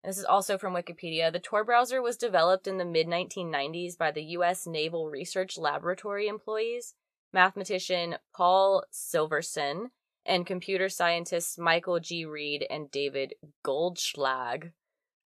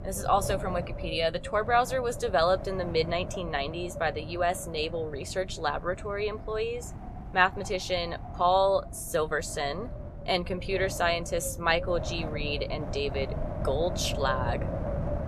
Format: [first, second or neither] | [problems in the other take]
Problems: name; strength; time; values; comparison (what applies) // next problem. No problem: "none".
first | wind noise on the microphone; occasional gusts; 10 dB below the speech